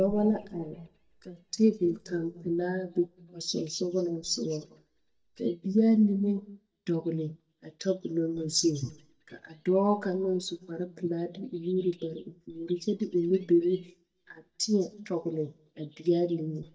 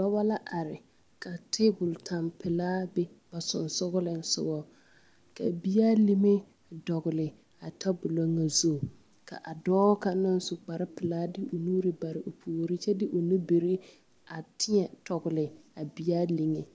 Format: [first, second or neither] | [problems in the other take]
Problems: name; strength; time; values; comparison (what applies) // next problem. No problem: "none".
second | noise reduction (neural mask model DeepFilterNet 3)